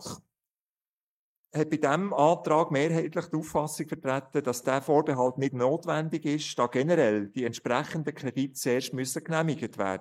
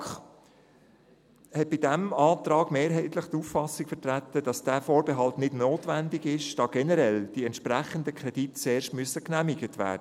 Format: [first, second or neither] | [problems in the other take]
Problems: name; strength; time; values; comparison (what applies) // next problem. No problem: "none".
second | noise reduction (neural mask model Resemble Enhance denoiser)